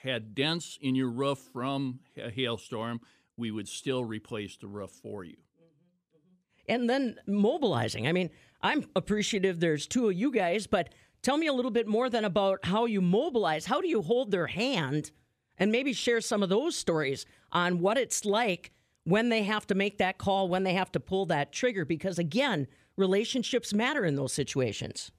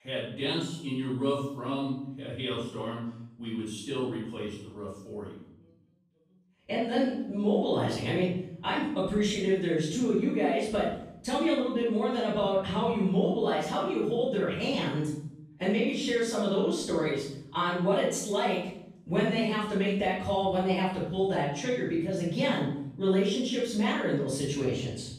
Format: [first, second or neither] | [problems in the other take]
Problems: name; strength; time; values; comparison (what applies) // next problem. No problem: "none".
first | off-mic speech; far // room echo; noticeable; dies away in 0.7 s